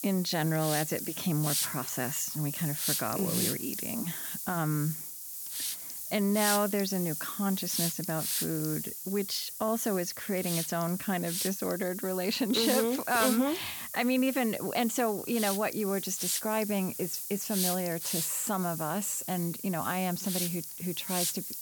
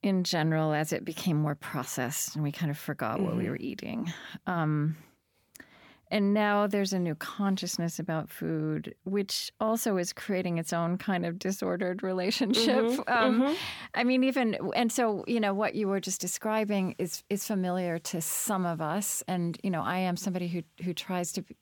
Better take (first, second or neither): second